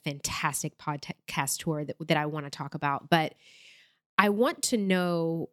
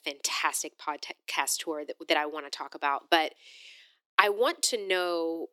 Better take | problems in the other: first | thin; very; fading below 350 Hz

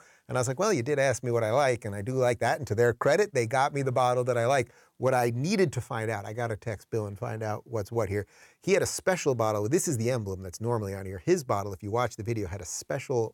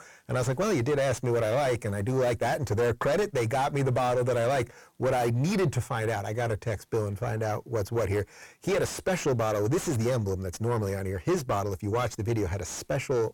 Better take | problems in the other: first | distortion; heavy; 5 dB below the speech

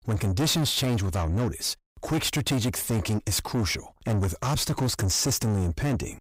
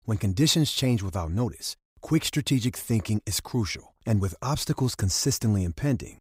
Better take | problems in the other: second | distortion; heavy; 7 dB below the speech

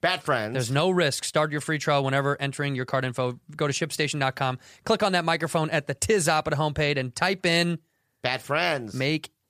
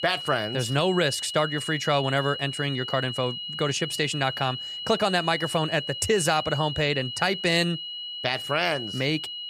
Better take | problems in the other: first | high-pitched whine; loud; throughout; 3 kHz, 6 dB below the speech

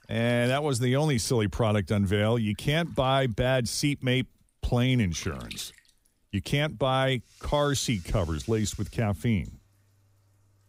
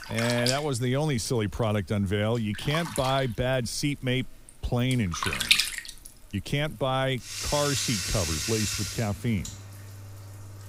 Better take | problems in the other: first | household noises; loud; throughout; 1 dB below the speech; faint in the first

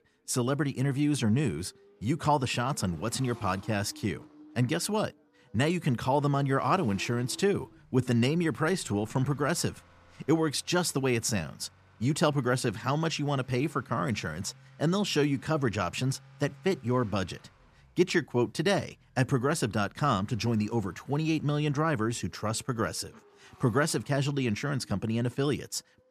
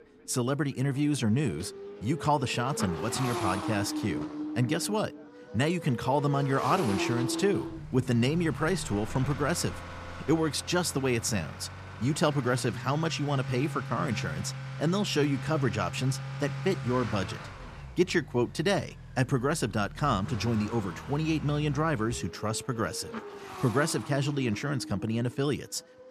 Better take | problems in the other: first | traffic noise; loud; throughout; 9 dB below the speech; faint in the first

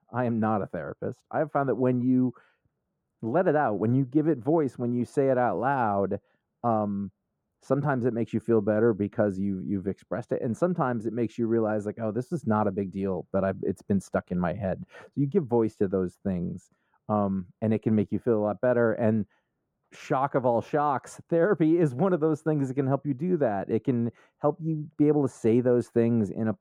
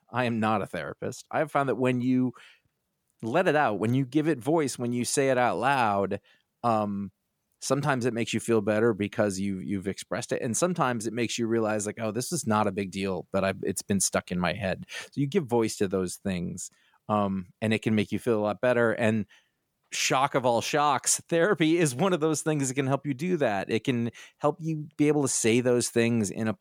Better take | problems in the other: second | muffled; very; fading above 1.5 kHz

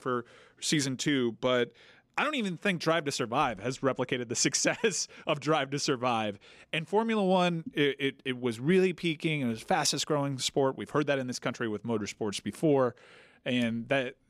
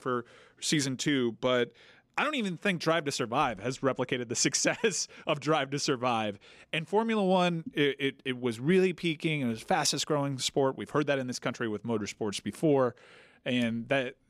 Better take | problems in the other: neither | none

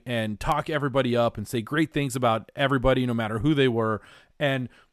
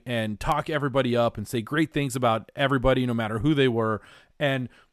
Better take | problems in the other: neither | none

